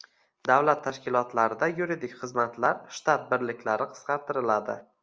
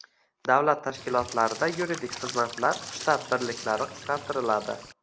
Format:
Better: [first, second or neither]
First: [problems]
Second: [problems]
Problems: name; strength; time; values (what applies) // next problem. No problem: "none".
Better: first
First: none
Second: background sound (Walk, footsteps + Cricket / Water); 12 dB below the speech